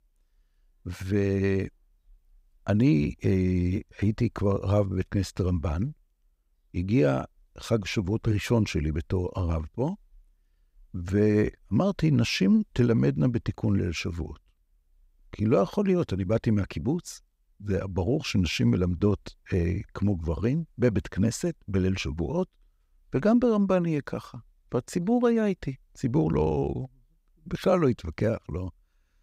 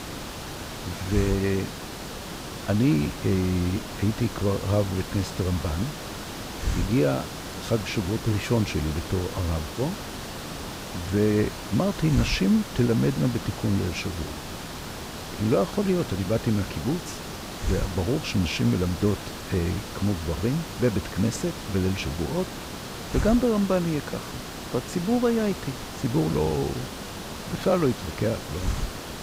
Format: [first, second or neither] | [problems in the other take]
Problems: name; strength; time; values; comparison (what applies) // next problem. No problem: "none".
first | hiss; loud; throughout; 8 dB below the speech